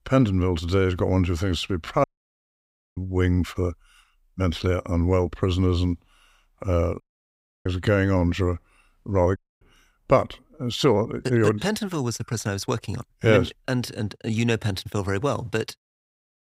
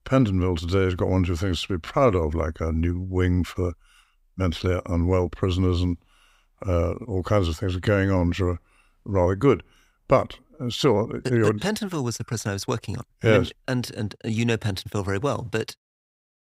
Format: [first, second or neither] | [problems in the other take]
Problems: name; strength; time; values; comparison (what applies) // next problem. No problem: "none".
second | audio cutting out; at 2 s for 1 s, at 7 s for 0.5 s and at 9.5 s